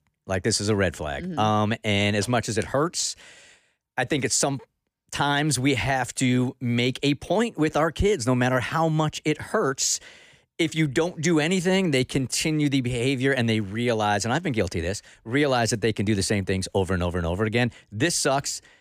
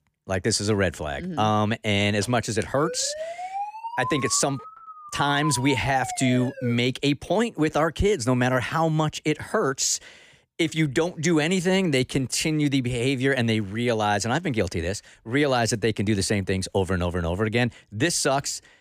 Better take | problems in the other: first | siren; noticeable; from 3 to 7 s; peak 8 dB below the speech

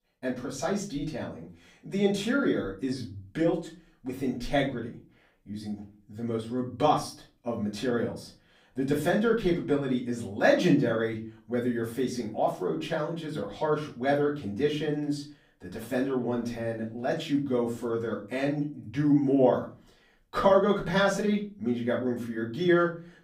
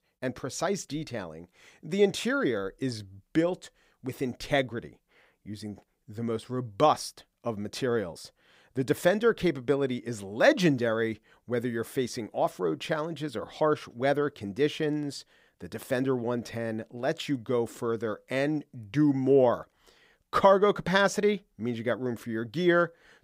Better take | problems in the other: second | off-mic speech; far // room echo; slight; dies away in 0.3 s

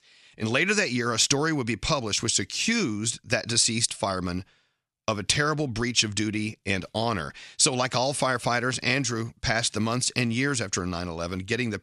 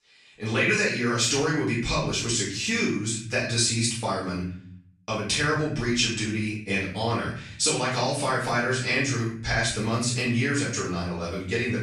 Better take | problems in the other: first | off-mic speech; far // room echo; noticeable; dies away in 0.6 s

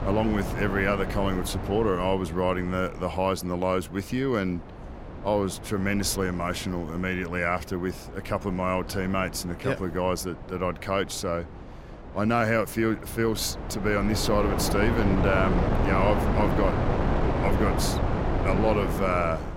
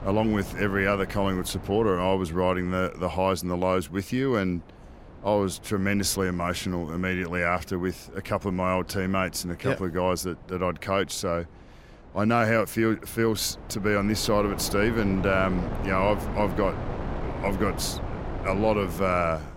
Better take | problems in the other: second | wind noise on the microphone; heavy; 4 dB below the speech; occasional gusts in the second

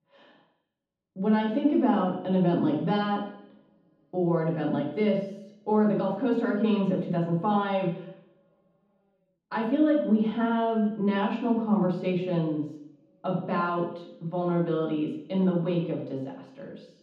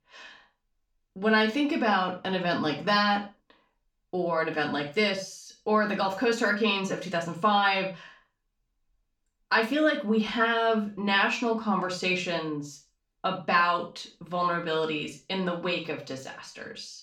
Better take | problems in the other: second | room echo; strong; dies away in 0.9 s; slight in the second // off-mic speech; far; far in the second

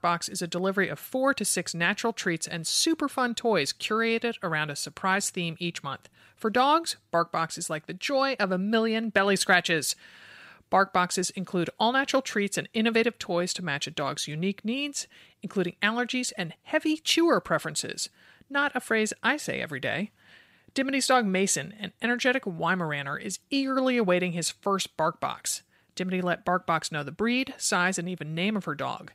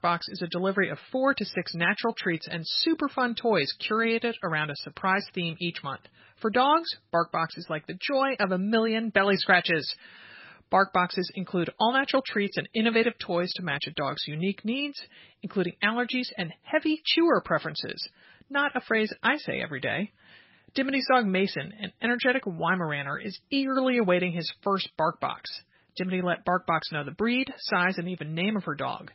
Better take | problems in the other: first | garbled, watery; badly; nothing above 5.5 kHz

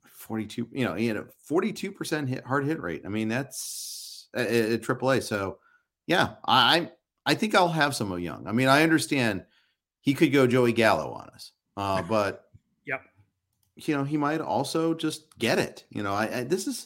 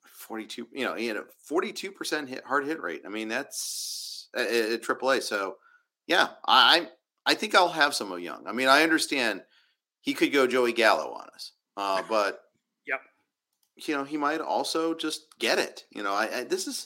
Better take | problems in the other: first | thin; somewhat; fading below 300 Hz

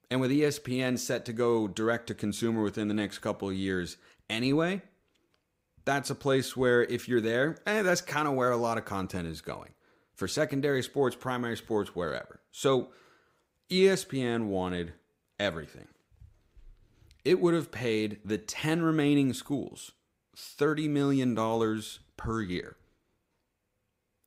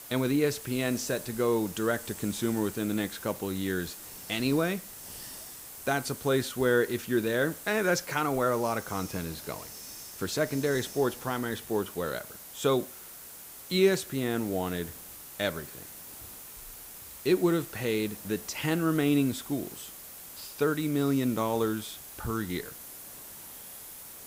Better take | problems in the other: first | hiss; noticeable; throughout; 10 dB below the speech

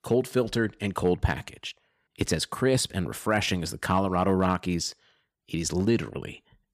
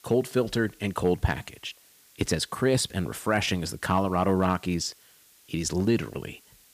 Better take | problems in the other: first | hiss; faint; throughout; 30 dB below the speech

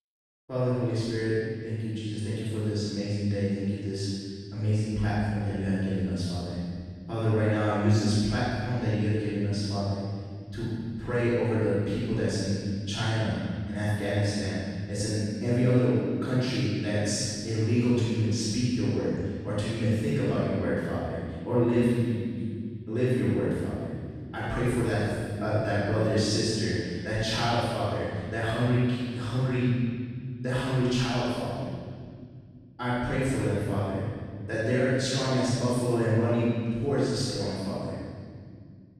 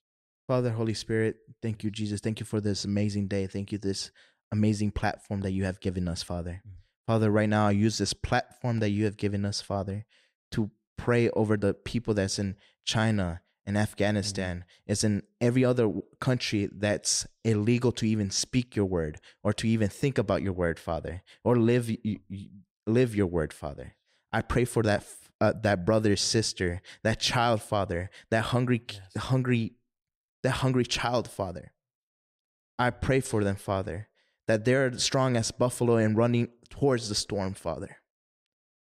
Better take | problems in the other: second | room echo; strong; dies away in 2.2 s // off-mic speech; far

